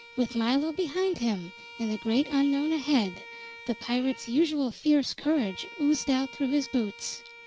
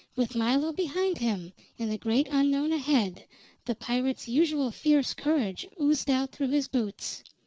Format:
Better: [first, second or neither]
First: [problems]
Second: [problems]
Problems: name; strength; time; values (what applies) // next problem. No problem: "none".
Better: second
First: background sound (Bowed string instrument); 19 dB below the speech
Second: none